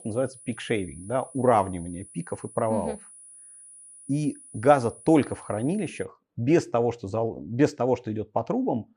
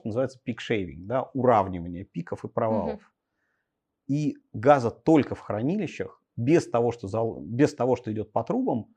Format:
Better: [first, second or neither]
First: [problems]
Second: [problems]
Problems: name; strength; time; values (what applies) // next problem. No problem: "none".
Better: second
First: high-pitched whine; noticeable; until 6 s; 10 kHz, 20 dB below the speech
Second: none